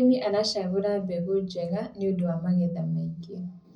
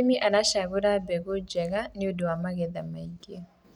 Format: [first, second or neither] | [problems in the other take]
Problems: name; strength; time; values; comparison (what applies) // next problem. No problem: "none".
second | room echo; dies away in 0.4 s